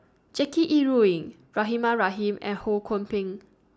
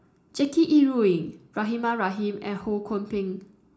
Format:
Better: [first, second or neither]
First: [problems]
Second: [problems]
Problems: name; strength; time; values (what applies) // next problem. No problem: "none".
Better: first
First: none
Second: room echo; dies away in 0.4 s